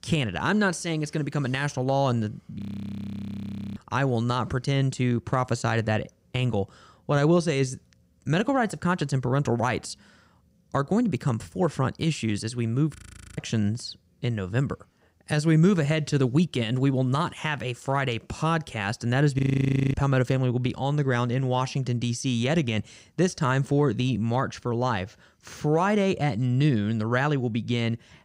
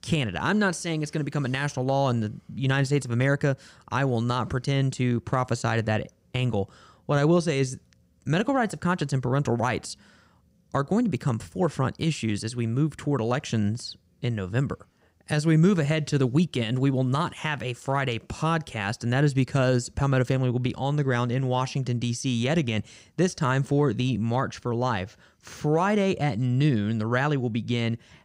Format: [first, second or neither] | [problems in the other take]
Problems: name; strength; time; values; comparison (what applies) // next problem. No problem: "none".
second | audio freezing; at 2.5 s for 1 s, at 13 s and at 19 s for 0.5 s